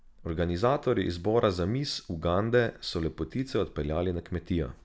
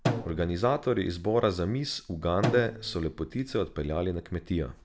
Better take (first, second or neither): first